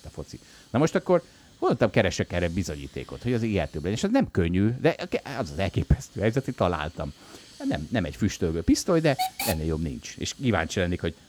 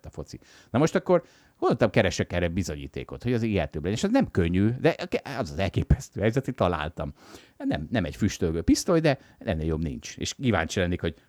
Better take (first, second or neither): second